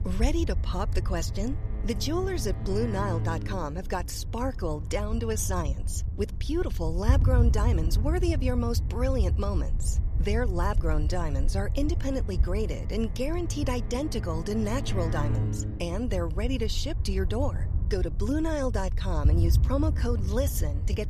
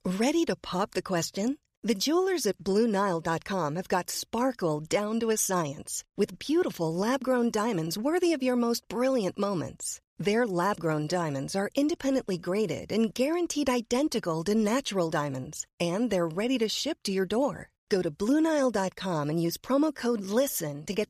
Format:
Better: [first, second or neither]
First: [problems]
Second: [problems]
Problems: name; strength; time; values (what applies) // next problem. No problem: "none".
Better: second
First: low rumble; noticeable; throughout; 10 dB below the speech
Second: none